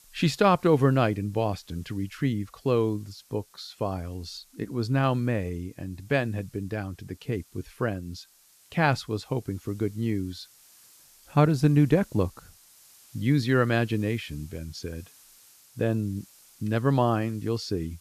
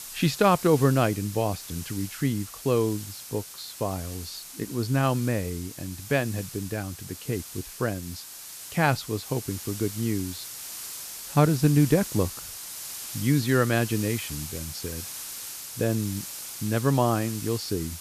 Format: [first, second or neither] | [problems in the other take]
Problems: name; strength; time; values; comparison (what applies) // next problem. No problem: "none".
first | hiss; loud; throughout; 10 dB below the speech; faint in the first